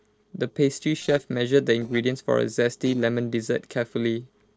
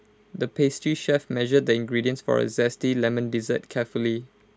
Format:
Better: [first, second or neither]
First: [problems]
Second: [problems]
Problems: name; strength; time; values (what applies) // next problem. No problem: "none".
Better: second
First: noise reduction (neural separator model SepFormer DNS4)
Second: none